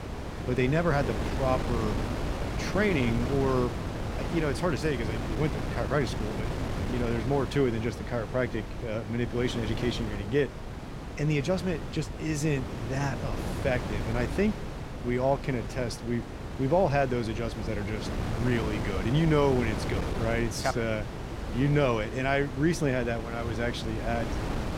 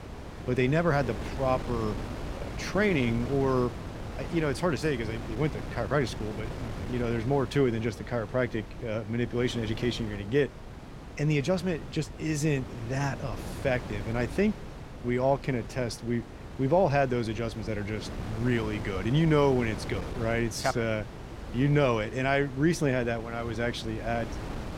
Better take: second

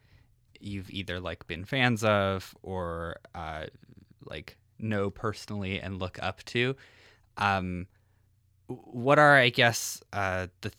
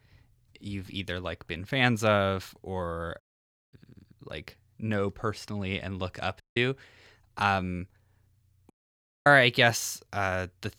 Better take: first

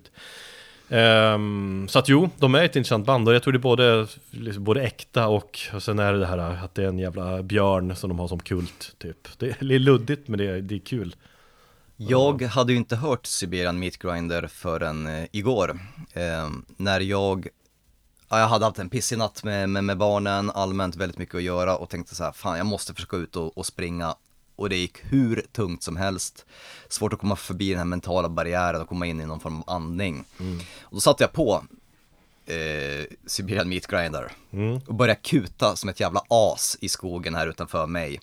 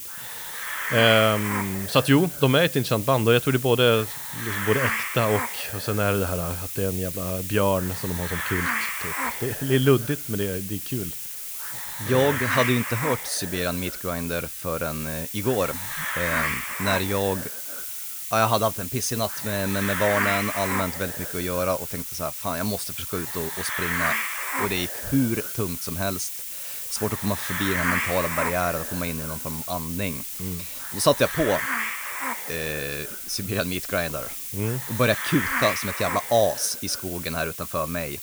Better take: first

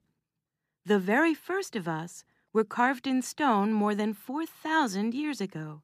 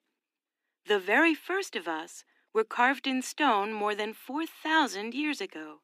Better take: first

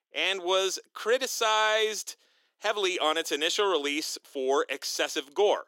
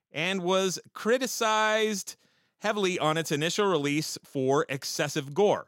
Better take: second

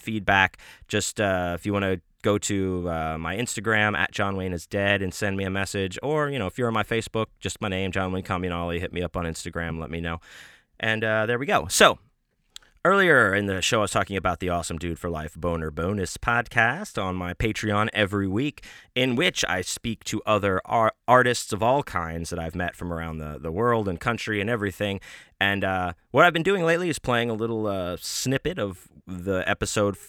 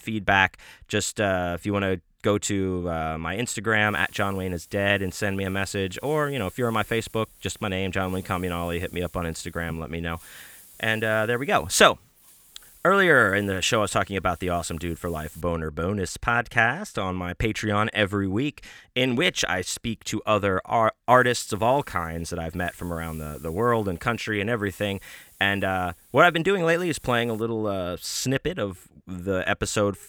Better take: first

